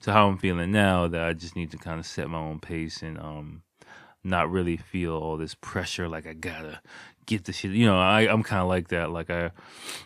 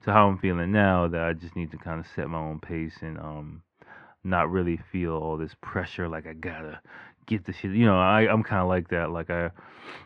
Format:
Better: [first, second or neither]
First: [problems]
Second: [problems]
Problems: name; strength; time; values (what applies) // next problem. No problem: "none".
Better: first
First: none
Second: muffled; very; fading above 1.5 kHz